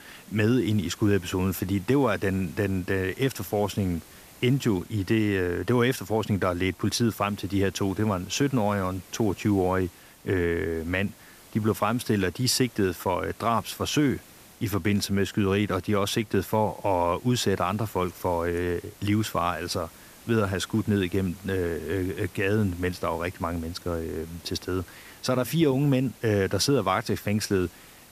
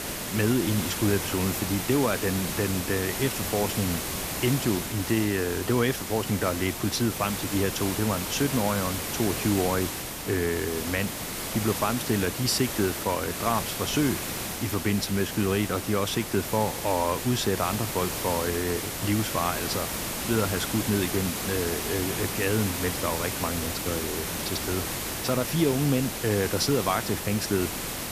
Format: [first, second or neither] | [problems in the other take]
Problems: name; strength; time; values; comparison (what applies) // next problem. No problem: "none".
first | hiss; loud; throughout; 3 dB below the speech; faint in the first